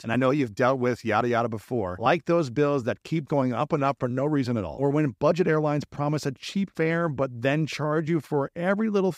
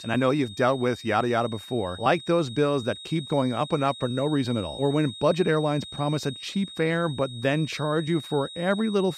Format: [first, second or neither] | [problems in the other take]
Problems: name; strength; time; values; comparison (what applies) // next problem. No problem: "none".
first | high-pitched whine; noticeable; throughout; 3.5 kHz, 15 dB below the speech